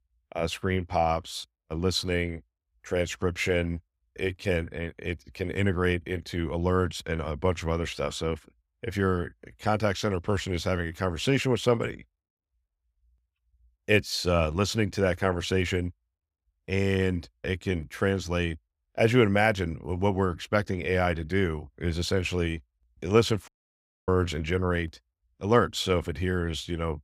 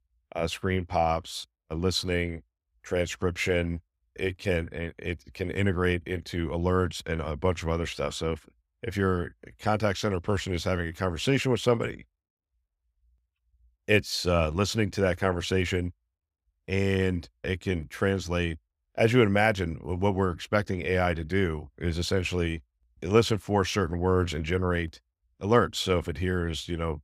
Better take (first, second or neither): second